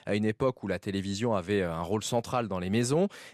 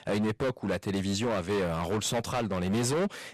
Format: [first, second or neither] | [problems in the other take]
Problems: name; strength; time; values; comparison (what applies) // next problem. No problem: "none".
first | distortion; heavy; 21% of the sound clipped